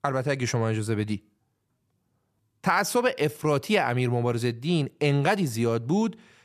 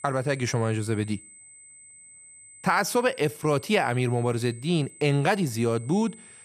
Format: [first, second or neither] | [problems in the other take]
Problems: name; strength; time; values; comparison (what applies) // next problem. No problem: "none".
first | high-pitched whine; faint; throughout; 8 kHz, 20 dB below the speech